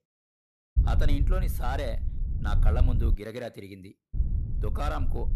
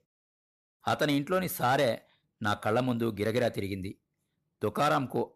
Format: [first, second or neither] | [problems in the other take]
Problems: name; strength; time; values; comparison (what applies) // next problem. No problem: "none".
second | wind noise on the microphone; occasional gusts; from 1 to 3 s and from 4 s on; 10 dB below the speech